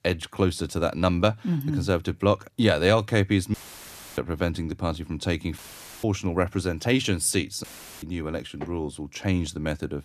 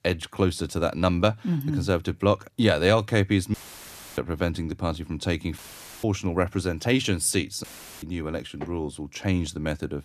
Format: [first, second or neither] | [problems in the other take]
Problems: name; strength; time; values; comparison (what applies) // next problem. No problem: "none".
neither | audio cutting out; filled with static; at 3.5 s for 0.5 s, at 5.5 s and at 7.5 s; the same in both